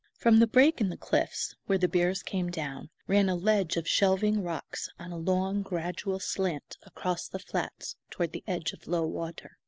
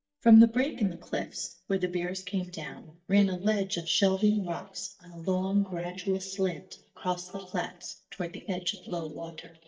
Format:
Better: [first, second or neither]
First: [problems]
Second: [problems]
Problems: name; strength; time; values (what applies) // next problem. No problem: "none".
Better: first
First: none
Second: noise reduction (neural mask model DeepFilterNet 3)